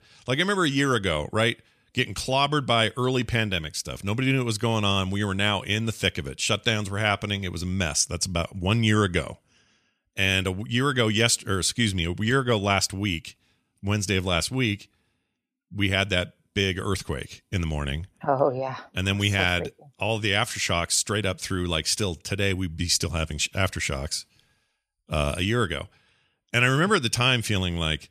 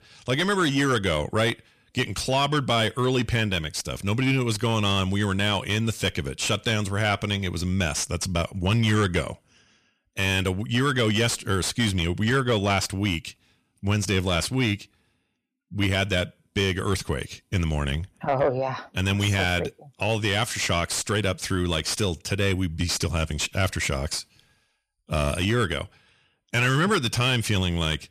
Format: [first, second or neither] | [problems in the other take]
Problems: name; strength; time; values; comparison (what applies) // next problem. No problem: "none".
first | distortion; slight; 10 dB below the speech